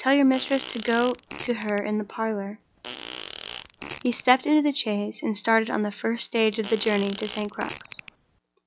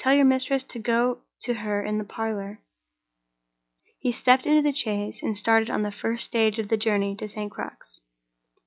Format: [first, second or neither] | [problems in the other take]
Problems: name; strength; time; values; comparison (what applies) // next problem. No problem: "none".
second | background sound (Fart); 14 dB below the speech